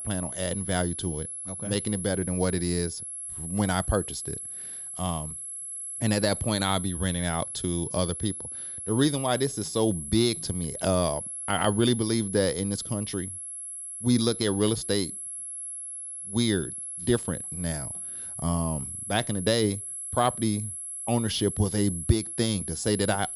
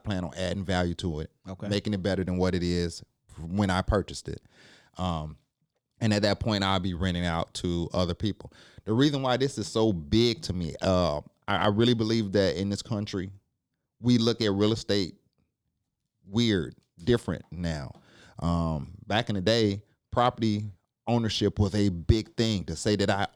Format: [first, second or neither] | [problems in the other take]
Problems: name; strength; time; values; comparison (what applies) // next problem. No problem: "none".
second | high-pitched whine; loud; throughout; 11 kHz, 6 dB below the speech